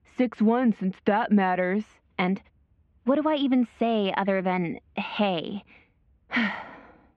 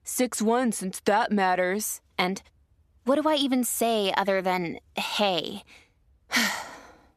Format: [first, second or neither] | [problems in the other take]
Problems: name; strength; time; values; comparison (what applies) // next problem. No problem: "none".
second | muffled; very; fading above 2.5 kHz